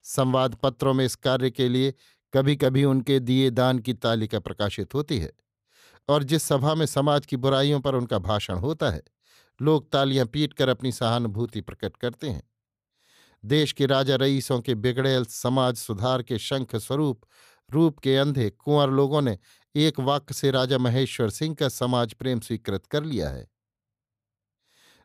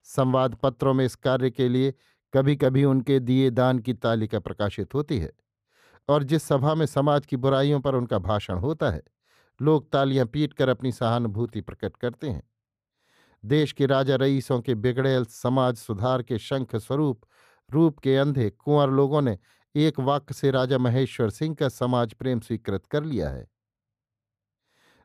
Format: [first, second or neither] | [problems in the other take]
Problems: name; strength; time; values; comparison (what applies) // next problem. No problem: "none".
first | muffled; slightly; fading above 2.5 kHz